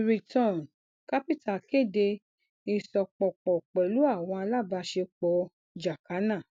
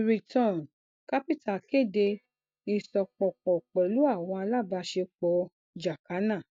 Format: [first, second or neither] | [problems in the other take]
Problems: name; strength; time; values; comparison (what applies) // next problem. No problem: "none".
first | noise reduction (neural mask model DeepFilterNet 3)